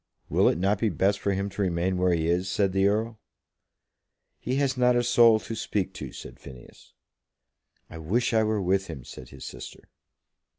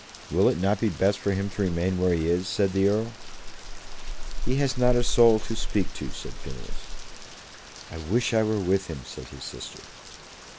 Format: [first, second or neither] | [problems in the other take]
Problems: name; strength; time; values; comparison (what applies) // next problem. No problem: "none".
first | background sound (Rain); 4 dB below the speech